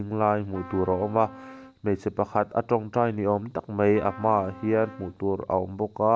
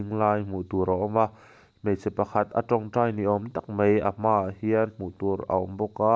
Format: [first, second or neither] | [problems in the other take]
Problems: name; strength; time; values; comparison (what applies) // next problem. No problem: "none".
second | background sound (Trumpet); 19 dB below the speech